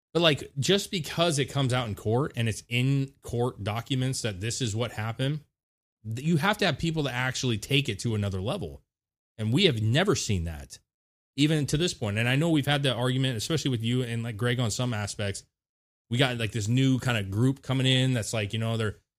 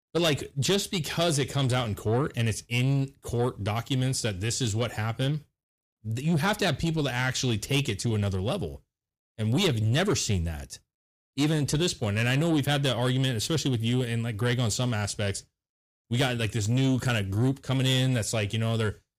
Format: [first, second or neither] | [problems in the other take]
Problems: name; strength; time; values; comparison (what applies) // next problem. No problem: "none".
first | distortion; slight; 10 dB below the speech